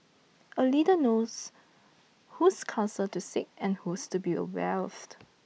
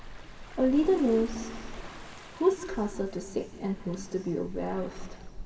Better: first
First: none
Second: background sound (Waves, surf); 11 dB below the speech // room echo; dies away in 1.8 s

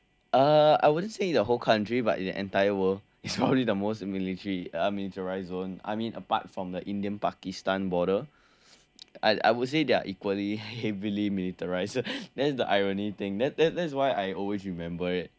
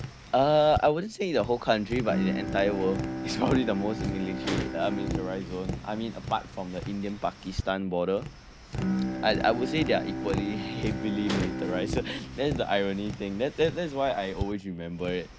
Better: first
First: none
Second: background sound (Tap + Bowed string instrument); 5 dB below the speech

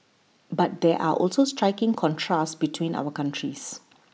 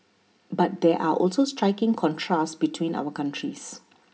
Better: first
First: none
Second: room echo; dies away in 0.3 s

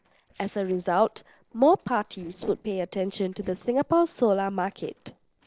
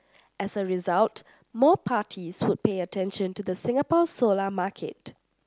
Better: second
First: noise reduction (neural separator model SepFormer DNS4)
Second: none

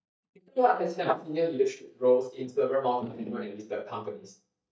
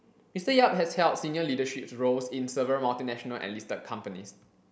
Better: second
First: noise reduction (neural mask model DeepFilterNet 3)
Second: none

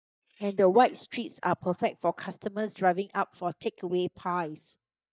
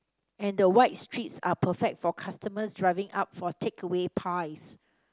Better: second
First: noise reduction (neural mask model DeepFilterNet 3)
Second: none

